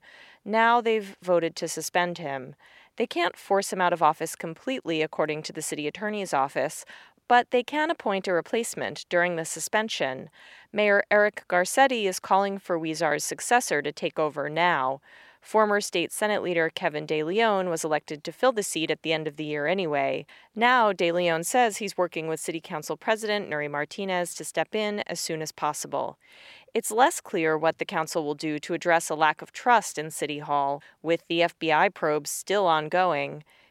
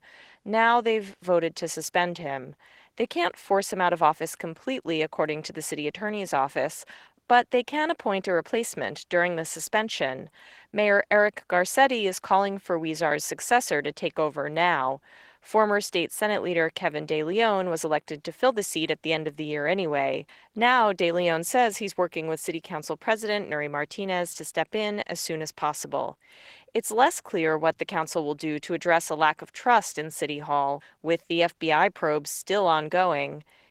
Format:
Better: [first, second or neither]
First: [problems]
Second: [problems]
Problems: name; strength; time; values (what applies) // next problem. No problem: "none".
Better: first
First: none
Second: garbled, watery; slightly; nothing above 16.5 kHz